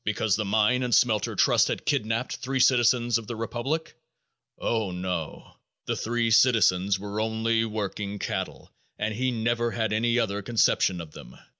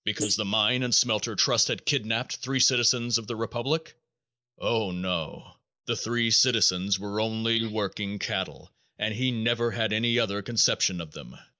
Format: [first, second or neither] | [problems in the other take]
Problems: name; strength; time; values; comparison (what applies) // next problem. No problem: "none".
first | noise reduction (neural mask model Resemble Enhance denoiser)